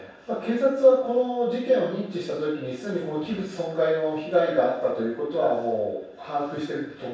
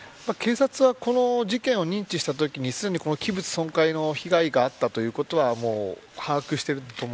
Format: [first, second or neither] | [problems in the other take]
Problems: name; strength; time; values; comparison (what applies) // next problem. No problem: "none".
second | room echo; dies away in 0.7 s